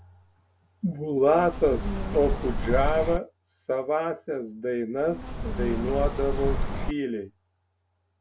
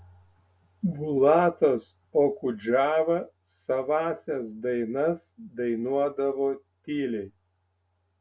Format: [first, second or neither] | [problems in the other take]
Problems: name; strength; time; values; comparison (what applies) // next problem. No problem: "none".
second | background sound (Bird); as loud as the speech